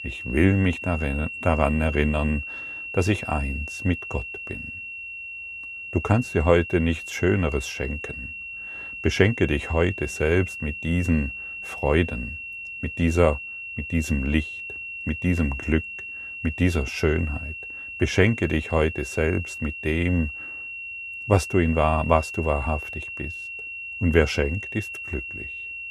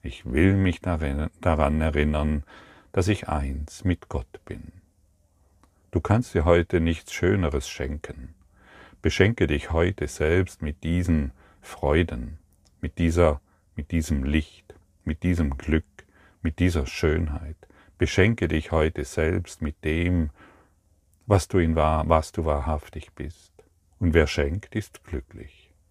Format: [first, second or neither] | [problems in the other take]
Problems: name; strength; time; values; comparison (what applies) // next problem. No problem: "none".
second | high-pitched whine; loud; throughout; 2.5 kHz, 8 dB below the speech